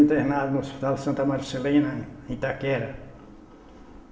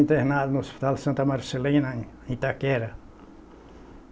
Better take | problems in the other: second | room echo; dies away in 1 s

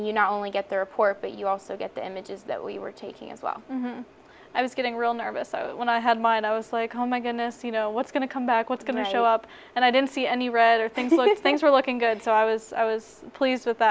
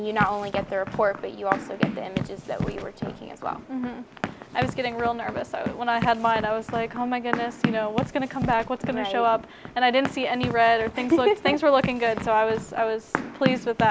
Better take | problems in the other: first | background sound (Run); 7 dB below the speech

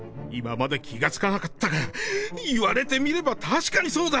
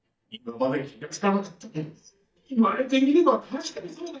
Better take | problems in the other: first | noise reduction (neural mask model DeepFilterNet 3)

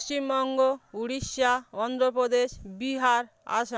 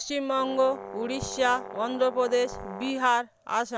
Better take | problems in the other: first | background sound (Brass instrument); 13 dB below the speech

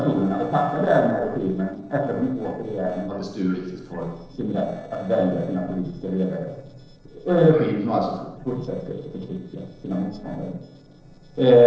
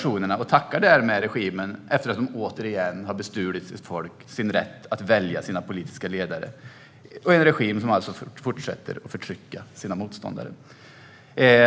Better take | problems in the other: second | noise reduction (neural separator model SepFormer DNS4)

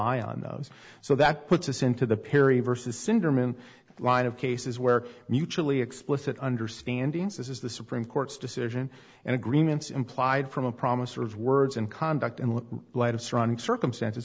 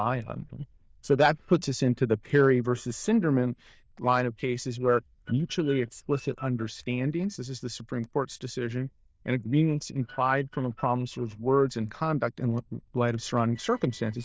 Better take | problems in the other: first | noise reduction (neural diffusion model UNIVERSE++)

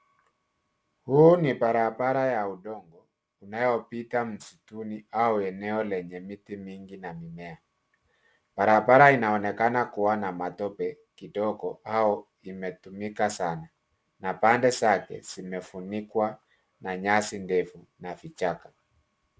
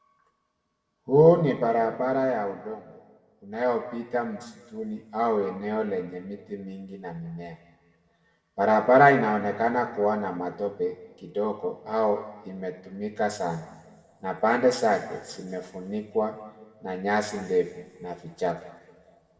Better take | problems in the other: first | room echo; dies away in 1.4 s

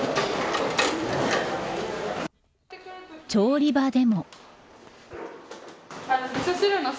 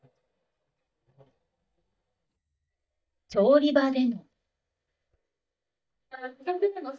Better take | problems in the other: first | noise reduction (neural mask model DeepFilterNet 3)

